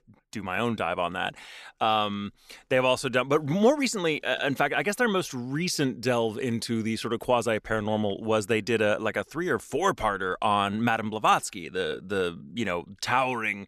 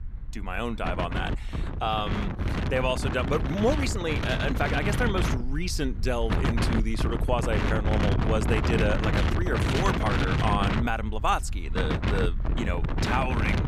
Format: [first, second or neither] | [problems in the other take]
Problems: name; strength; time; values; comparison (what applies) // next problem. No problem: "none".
first | wind noise on the microphone; heavy; 3 dB below the speech